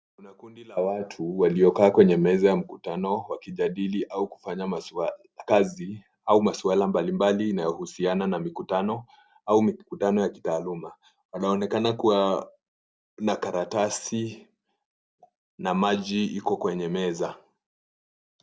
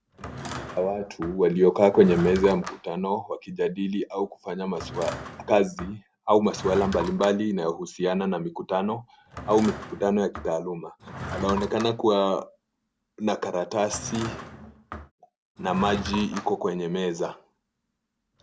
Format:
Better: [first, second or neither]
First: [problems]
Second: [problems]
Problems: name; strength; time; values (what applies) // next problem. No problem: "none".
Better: first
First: none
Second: background sound (Drawer open or close / Wood); 14 dB below the speech